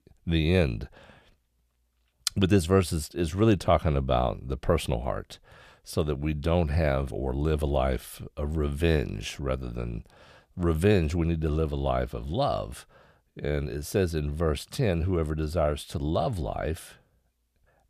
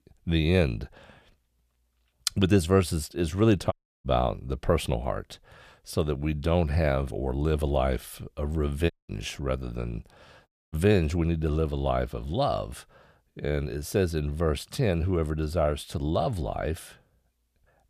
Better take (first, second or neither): first